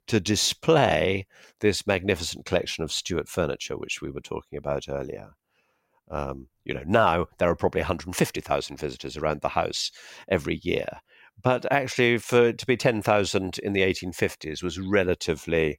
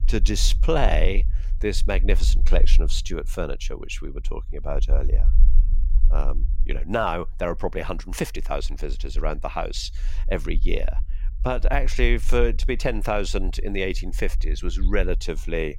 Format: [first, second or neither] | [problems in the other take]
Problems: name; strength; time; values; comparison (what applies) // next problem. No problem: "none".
first | low rumble; faint; throughout; 25 dB below the speech